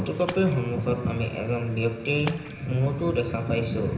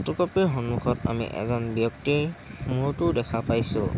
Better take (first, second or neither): second